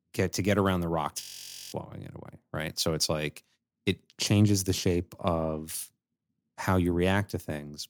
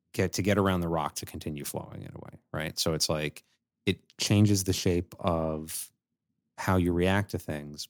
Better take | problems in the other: second | audio freezing; at 1 s for 0.5 s

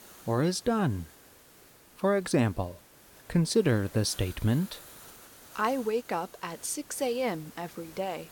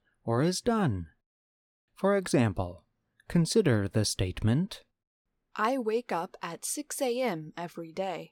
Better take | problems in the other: second | hiss; faint; throughout; 20 dB below the speech

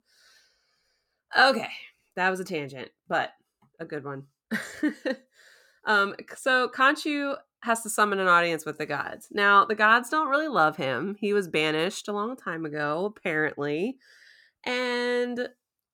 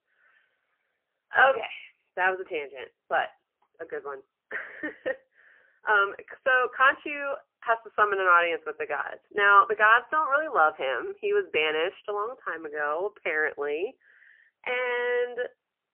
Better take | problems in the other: first | phone-call audio; poor line; nothing above 3 kHz

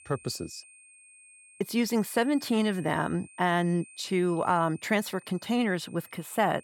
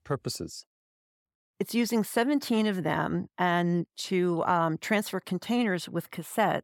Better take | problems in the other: second | high-pitched whine; faint; throughout; 2.5 kHz, 20 dB below the speech

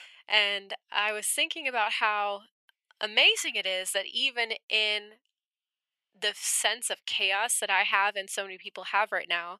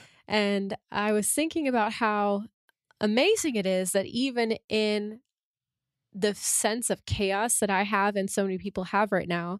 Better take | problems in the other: second | thin; very; fading below 800 Hz

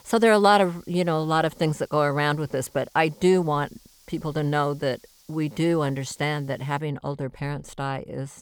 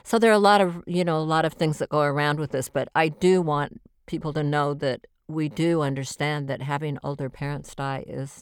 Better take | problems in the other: second | hiss; faint; until 7 s; 30 dB below the speech

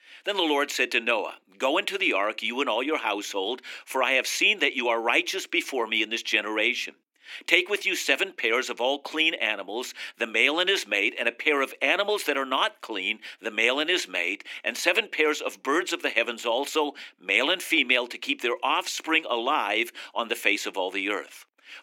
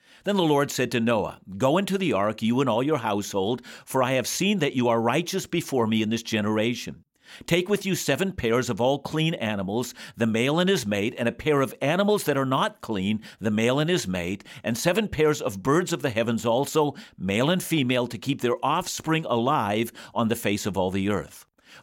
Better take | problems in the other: second | thin; somewhat; fading below 300 Hz

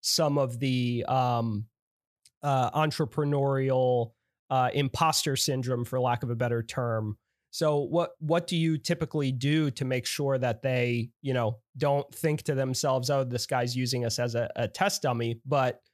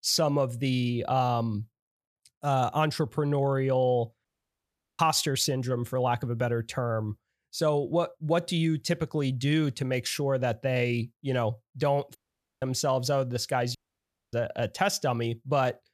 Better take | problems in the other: first | audio cutting out; at 4.5 s for 0.5 s, at 12 s and at 14 s for 0.5 s

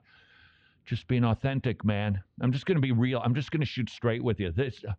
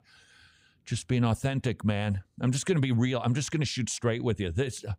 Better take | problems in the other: second | muffled; slightly; fading above 3.5 kHz

